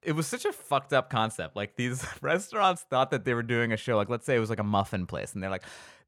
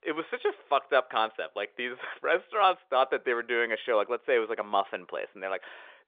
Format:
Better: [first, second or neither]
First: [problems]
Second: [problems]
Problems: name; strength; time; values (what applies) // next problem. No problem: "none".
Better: first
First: none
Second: phone-call audio